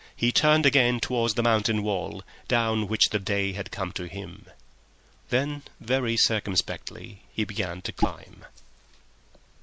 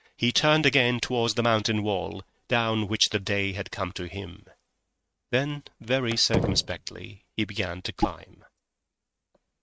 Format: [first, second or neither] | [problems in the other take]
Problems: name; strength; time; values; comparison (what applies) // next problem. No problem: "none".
first | noise reduction (neural mask model RNNoise)